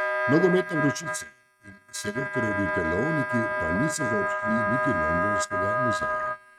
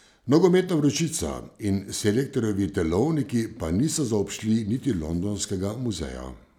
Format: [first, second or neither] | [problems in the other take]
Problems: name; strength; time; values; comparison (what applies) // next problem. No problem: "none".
second | noise reduction (neural mask model RNNoise)